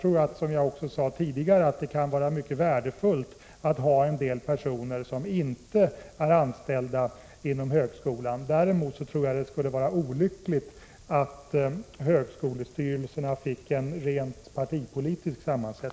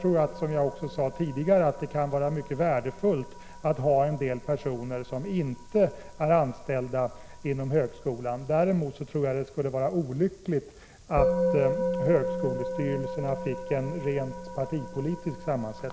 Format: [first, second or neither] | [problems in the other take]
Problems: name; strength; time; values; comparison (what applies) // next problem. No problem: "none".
first | background sound (Musical instrument); 8 dB below the speech